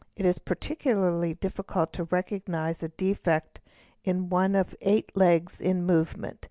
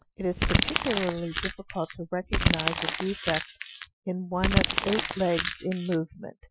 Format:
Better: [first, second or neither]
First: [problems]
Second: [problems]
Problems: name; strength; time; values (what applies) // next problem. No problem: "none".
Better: first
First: none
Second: noise reduction (classical method Wiener filter)